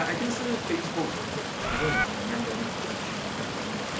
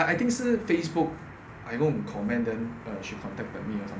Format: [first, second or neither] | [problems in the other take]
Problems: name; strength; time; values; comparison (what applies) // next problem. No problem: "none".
second | background sound (Bird + Stream); 2 dB above the speech